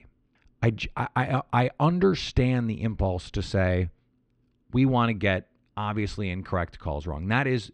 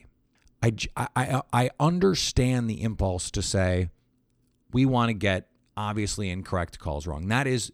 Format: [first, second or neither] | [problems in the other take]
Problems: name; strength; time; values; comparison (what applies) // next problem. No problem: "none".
second | muffled; slightly; fading above 2.5 kHz